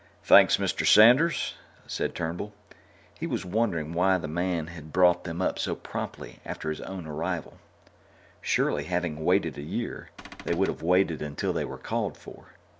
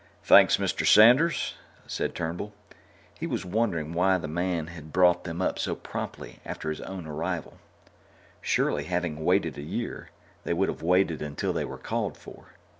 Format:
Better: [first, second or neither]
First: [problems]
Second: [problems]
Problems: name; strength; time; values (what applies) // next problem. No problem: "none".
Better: second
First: background sound (Cupboard open or close / Door); 14 dB below the speech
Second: none